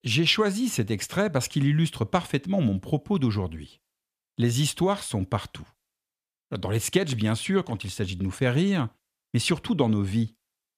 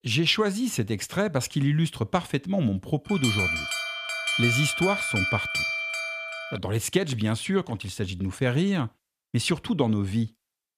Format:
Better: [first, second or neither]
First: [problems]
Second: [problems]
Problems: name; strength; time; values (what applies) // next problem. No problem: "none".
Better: first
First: none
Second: alarm; loud; from 3 to 6.5 s; peak 3 dB above the speech